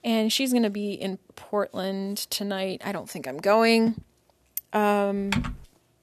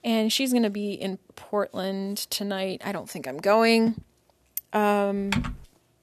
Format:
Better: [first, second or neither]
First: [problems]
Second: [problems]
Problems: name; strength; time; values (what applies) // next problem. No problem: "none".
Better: neither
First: keyboard typing; noticeable; at 5.5 s; peak 4 dB below the speech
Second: keyboard typing; noticeable; at 5.5 s; peak 4 dB below the speech